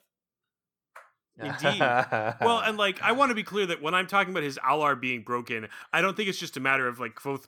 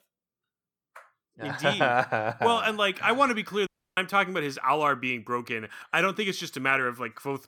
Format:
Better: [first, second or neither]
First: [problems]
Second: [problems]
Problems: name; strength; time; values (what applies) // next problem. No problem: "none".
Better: first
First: none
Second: audio cutting out; at 3.5 s